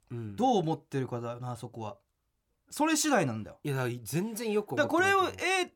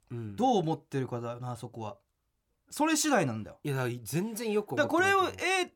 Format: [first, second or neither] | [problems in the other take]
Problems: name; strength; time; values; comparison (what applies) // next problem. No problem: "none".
neither | none